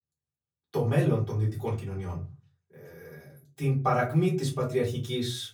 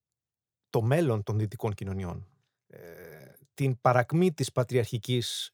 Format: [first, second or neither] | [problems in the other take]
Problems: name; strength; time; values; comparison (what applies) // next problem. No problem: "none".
second | off-mic speech; far // room echo; very slight; dies away in 0.3 s